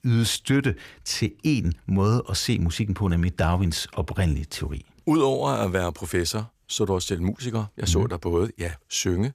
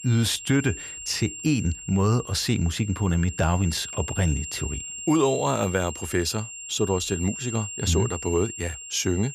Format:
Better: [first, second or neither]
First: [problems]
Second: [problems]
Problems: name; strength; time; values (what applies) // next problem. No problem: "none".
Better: first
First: none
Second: high-pitched whine; loud; throughout; 7.5 kHz, 9 dB below the speech